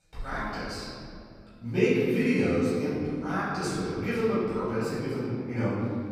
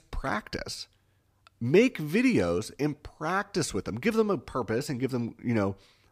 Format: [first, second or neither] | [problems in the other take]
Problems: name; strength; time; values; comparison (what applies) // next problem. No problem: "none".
second | off-mic speech; far // room echo; strong; dies away in 2.4 s